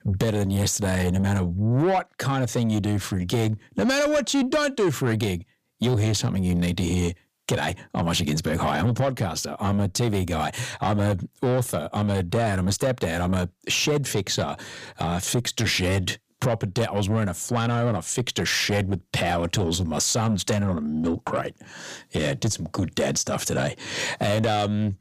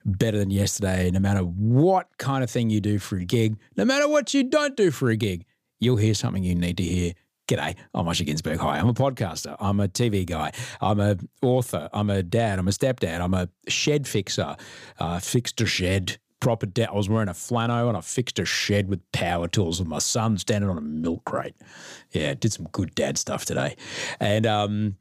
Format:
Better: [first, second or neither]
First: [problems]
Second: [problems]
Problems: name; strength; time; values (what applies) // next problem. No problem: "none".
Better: second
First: distortion; slight; 10 dB below the speech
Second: none